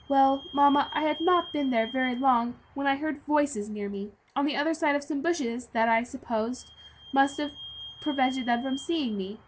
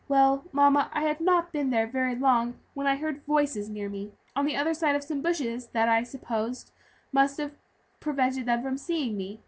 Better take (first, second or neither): second